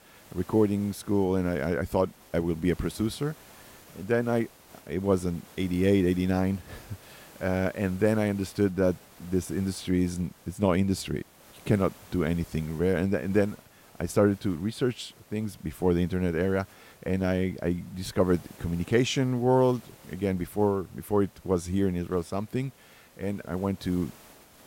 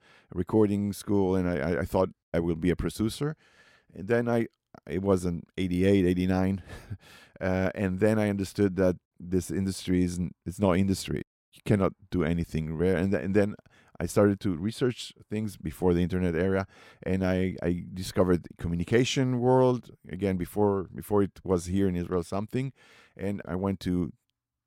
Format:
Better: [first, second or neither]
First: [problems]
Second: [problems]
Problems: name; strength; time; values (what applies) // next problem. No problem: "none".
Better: second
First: hiss; faint; throughout; 25 dB below the speech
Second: none